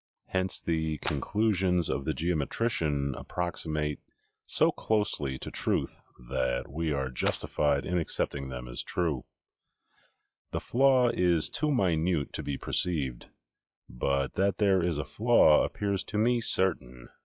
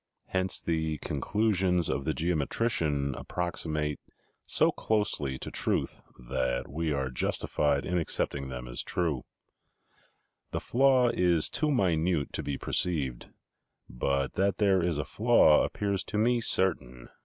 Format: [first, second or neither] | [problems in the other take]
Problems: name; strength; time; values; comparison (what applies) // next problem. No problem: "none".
second | noise reduction (classical method log-MMSE)